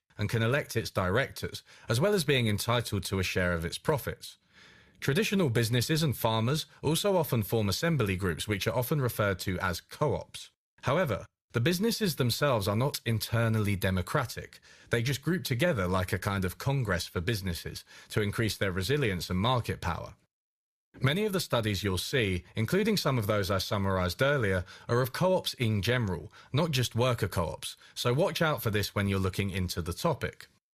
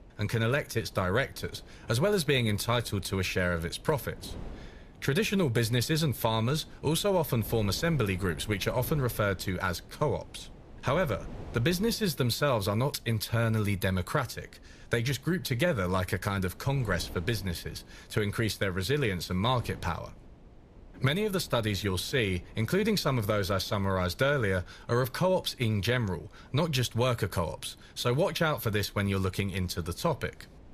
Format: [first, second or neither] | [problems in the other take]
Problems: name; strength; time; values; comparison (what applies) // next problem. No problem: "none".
first | wind noise on the microphone; occasional gusts; 25 dB below the speech